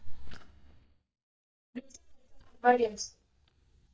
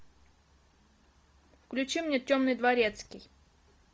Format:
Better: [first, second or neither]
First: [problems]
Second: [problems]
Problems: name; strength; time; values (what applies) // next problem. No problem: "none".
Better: second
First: noise reduction (neural mask model DeepFilterNet 3)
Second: none